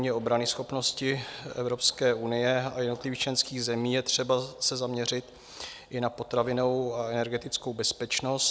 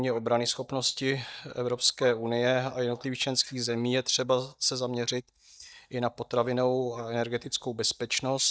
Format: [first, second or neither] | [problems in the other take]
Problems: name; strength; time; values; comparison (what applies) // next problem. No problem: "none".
first | noise reduction (neural mask model DeepFilterNet 3)